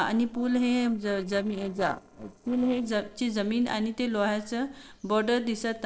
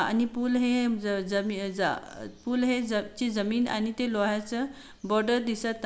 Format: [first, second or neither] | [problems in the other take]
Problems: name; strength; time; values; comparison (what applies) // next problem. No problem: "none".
second | noise reduction (neural separator model SepFormer DNS4)